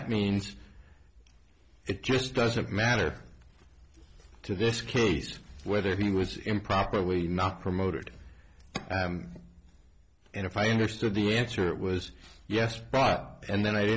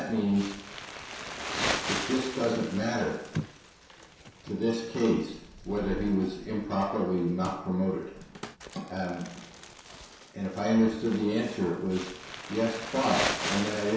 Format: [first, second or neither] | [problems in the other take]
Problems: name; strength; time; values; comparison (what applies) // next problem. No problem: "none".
first | background sound (Crumpling, crinkling); 8 dB below the speech // room echo; dies away in 0.7 s